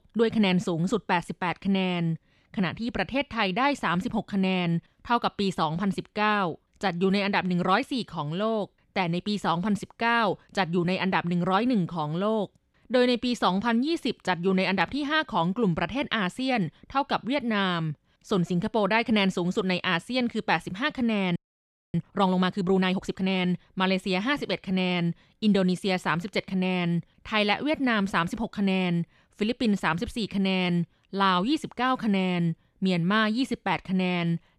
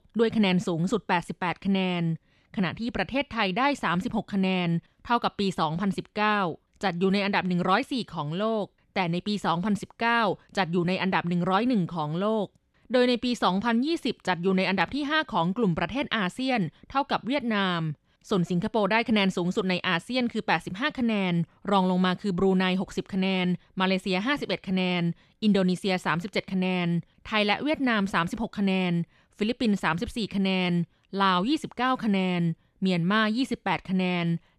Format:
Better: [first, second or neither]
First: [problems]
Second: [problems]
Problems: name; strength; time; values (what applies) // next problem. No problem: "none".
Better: second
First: audio freezing; at 21 s for 0.5 s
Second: none